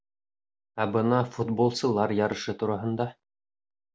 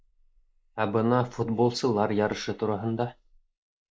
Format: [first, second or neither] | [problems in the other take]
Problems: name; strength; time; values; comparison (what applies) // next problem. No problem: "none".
first | noise reduction (neural mask model Resemble Enhance denoiser)